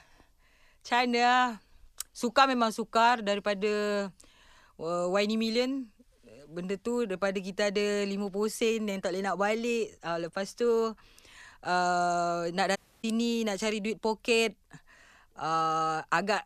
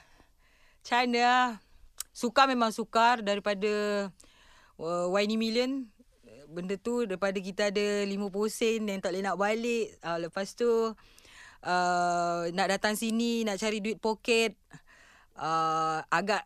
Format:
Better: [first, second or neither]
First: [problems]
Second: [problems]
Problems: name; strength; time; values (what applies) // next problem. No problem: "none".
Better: second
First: audio cutting out; at 13 s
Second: none